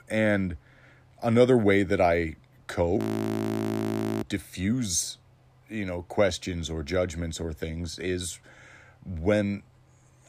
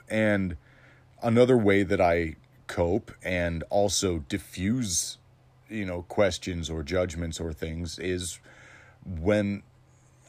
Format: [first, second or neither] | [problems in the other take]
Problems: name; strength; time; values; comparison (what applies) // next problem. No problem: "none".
second | audio freezing; at 3 s for 1 s